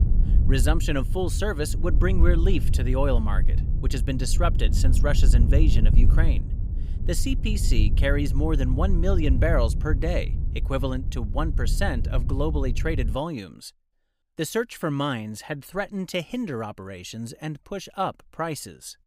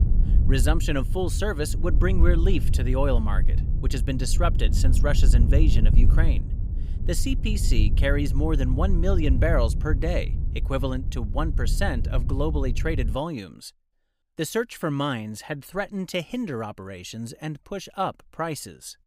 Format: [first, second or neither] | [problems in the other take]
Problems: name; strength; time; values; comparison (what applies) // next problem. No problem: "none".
neither | wind noise on the microphone; occasional gusts; until 13 s; 10 dB below the speech; the same in both